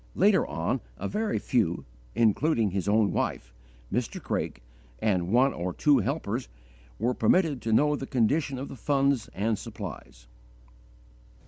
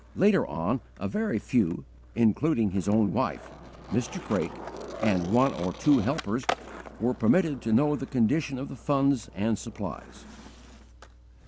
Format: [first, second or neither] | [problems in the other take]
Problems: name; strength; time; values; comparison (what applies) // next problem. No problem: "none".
first | background sound (Skateboard); 15 dB below the speech